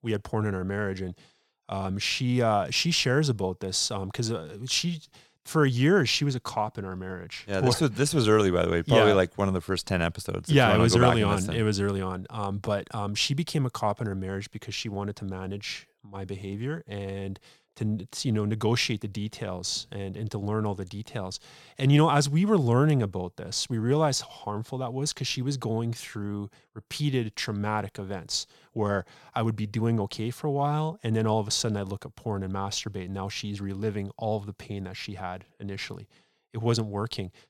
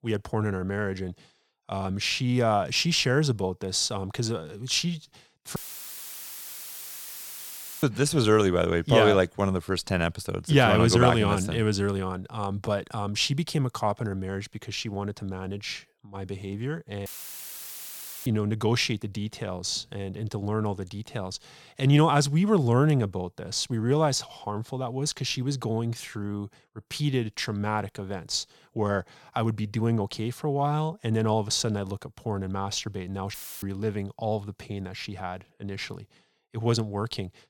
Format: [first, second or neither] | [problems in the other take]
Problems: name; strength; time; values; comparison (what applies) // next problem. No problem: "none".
first | audio cutting out; filled with static; at 5.5 s for 2.5 s, at 17 s for 1 s and at 33 s